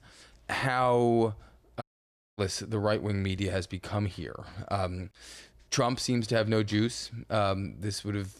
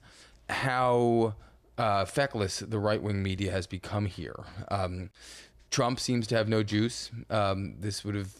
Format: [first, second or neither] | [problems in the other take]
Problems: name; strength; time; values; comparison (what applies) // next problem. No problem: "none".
second | audio cutting out; at 2 s for 0.5 s